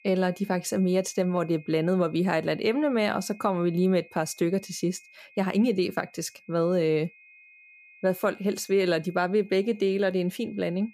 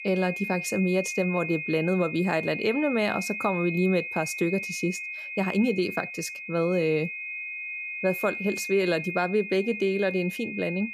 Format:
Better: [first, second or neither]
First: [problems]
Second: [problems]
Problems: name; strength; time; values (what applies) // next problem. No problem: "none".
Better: first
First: high-pitched whine; faint; throughout; 2.5 kHz, 25 dB below the speech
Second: high-pitched whine; loud; throughout; 2.5 kHz, 6 dB below the speech